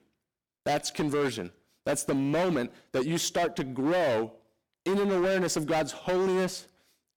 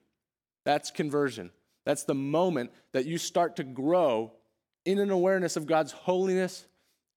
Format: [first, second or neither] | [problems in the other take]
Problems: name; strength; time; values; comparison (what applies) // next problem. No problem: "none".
second | distortion; heavy; 19% of the sound clipped